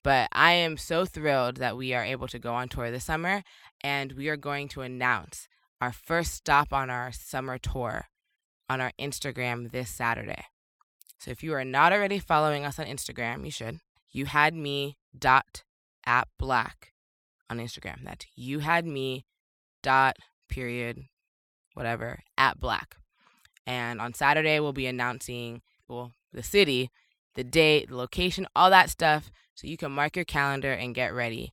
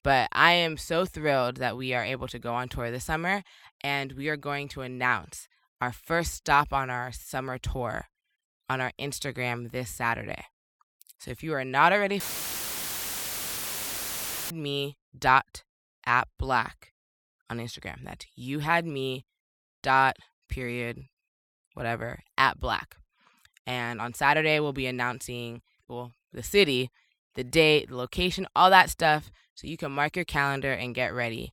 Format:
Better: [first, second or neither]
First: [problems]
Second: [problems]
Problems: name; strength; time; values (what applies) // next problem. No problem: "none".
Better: first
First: none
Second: audio cutting out; filled with static; at 12 s for 2.5 s